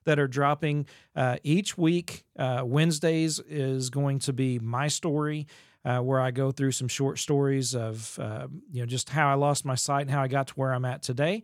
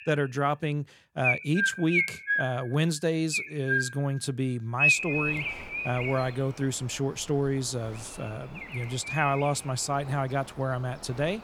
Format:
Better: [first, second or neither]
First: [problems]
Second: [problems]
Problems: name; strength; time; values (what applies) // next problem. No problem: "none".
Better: first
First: none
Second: animal sounds; very loud; throughout; 2 dB above the speech